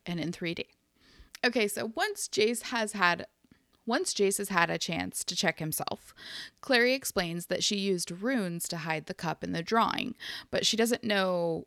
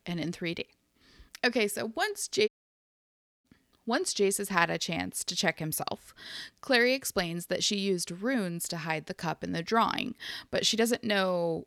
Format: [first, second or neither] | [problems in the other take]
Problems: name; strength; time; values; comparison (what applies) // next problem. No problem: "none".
first | audio cutting out; at 2.5 s for 1 s